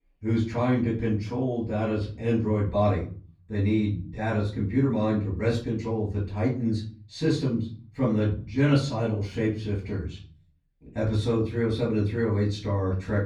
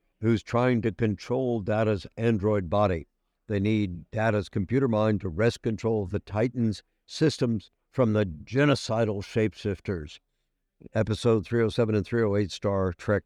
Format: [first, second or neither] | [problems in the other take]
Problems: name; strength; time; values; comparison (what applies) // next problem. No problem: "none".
second | off-mic speech; far // room echo; slight; dies away in 0.4 s